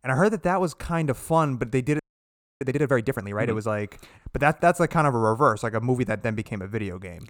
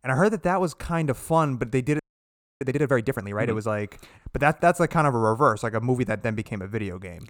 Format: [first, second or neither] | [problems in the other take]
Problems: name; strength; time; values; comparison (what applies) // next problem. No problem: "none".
neither | audio freezing; at 2 s for 0.5 s; the same in both